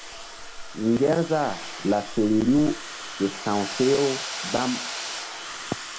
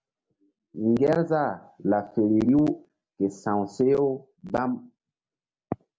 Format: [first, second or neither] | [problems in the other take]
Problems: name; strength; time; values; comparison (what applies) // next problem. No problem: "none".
second | background sound (Domestic sounds, home sounds); 9 dB below the speech